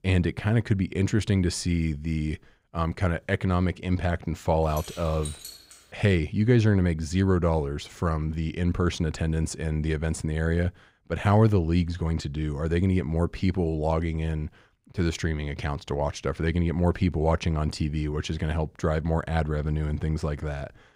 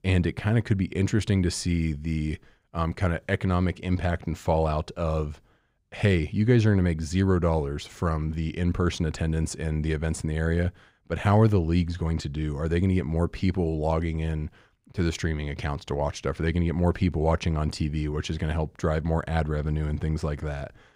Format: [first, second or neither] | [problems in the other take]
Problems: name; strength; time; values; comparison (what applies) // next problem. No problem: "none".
second | jangling keys; faint; from 4.5 to 6 s; peak 10 dB below the speech